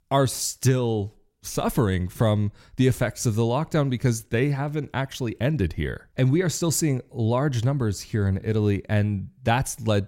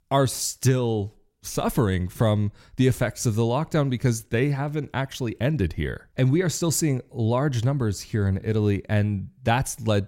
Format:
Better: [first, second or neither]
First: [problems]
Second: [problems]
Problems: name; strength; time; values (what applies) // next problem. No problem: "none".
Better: neither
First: none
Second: none